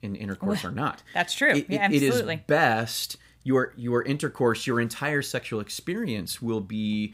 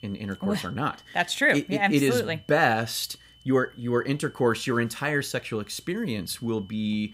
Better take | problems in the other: first | high-pitched whine; faint; throughout; 3 kHz, 30 dB below the speech

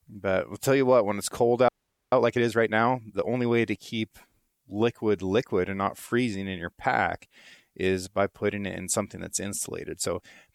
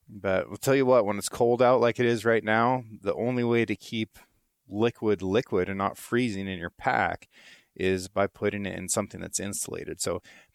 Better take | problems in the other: second | audio freezing; at 1.5 s

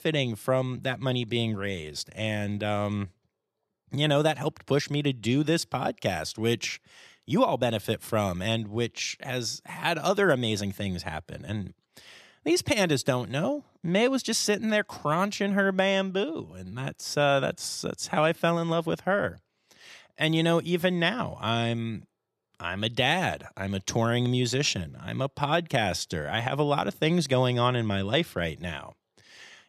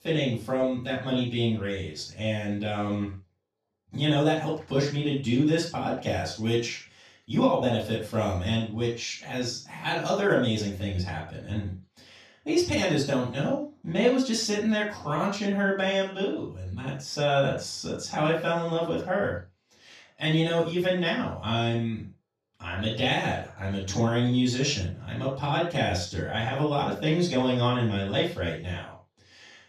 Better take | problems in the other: first | room echo; noticeable; dies away in 0.3 s // off-mic speech; far

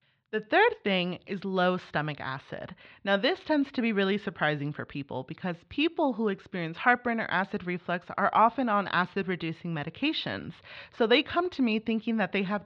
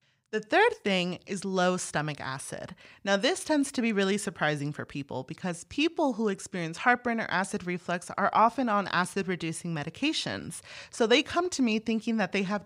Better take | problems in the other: second | muffled; slightly; fading above 4 kHz

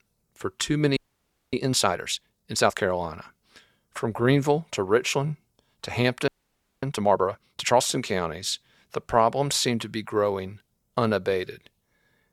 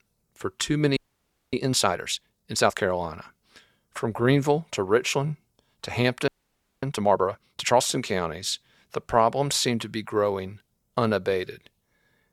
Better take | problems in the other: neither | audio freezing; at 1 s for 0.5 s and at 6.5 s for 0.5 s; the same in both

